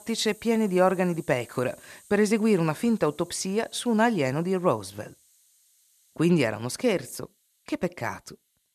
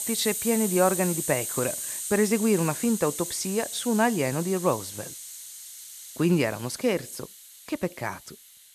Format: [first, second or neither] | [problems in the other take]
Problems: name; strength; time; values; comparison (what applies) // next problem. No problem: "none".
first | hiss; loud; throughout; 6 dB below the speech; faint in the first